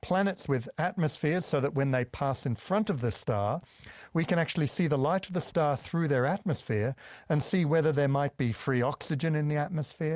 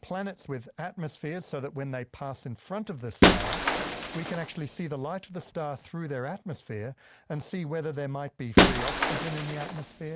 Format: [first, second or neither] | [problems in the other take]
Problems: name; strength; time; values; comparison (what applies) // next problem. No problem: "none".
first | background sound (Shatter); 5 dB above the speech